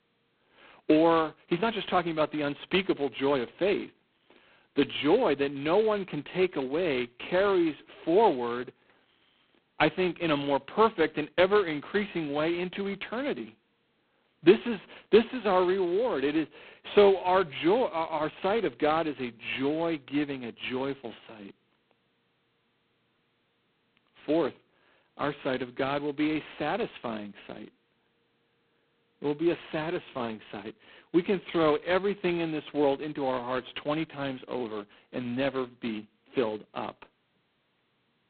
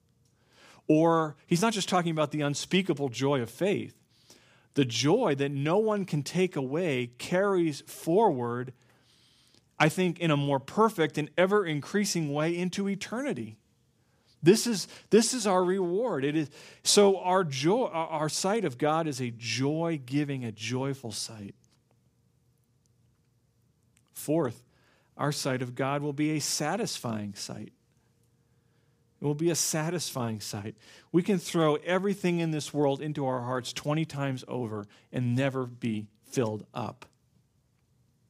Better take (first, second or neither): second